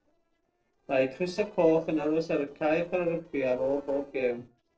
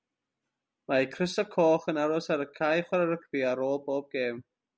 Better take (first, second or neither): second